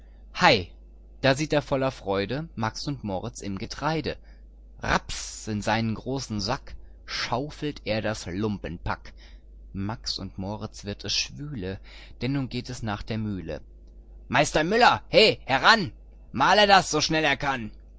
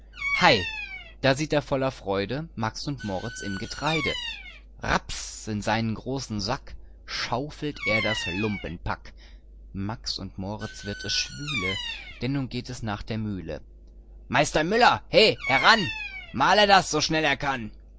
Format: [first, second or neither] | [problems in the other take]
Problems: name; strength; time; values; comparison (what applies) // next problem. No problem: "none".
first | background sound (Bird vocalization, bird call, bird song); 10 dB below the speech